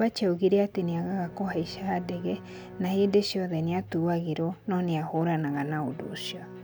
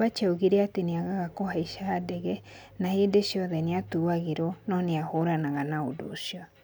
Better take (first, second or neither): second